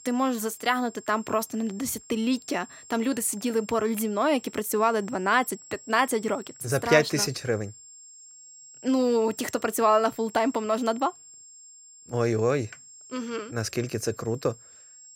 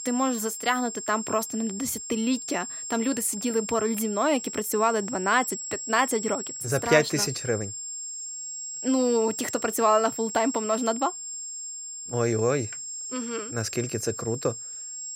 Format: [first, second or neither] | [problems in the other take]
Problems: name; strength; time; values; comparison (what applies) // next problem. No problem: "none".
first | high-pitched whine; loud; throughout; 7.5 kHz, 7 dB below the speech; faint in the first